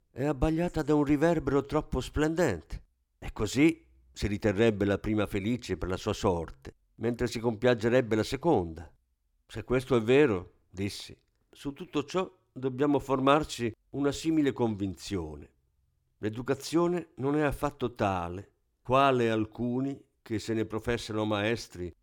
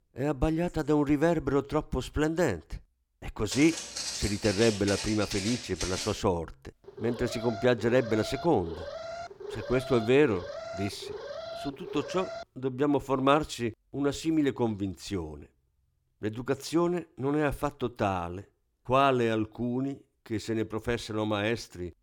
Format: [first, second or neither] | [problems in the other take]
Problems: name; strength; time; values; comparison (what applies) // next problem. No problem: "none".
first | footsteps; noticeable; from 3.5 to 6 s; peak 3 dB below the speech // alarm; noticeable; from 7 to 12 s; peak 9 dB below the speech